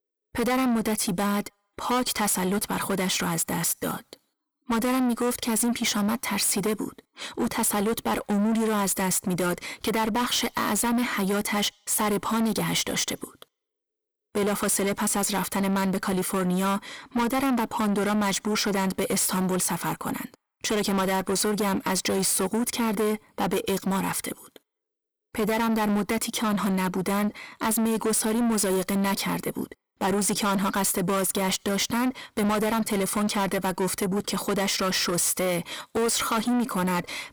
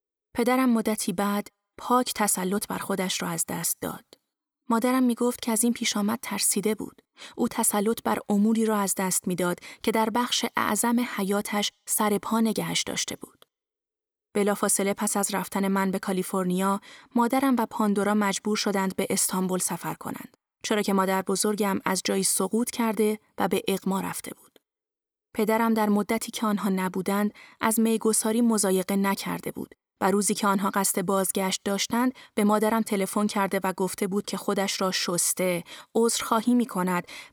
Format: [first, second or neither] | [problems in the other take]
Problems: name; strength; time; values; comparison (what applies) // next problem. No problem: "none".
second | distortion; heavy; 8 dB below the speech